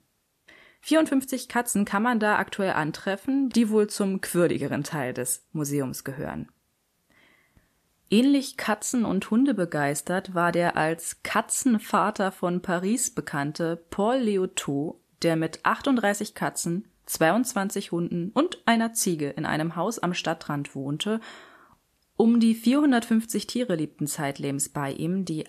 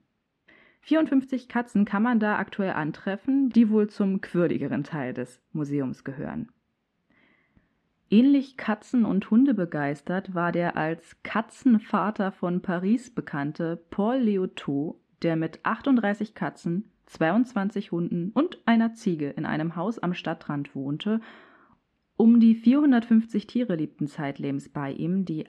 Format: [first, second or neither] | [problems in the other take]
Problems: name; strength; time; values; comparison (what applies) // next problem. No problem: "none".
first | muffled; slightly; fading above 2.5 kHz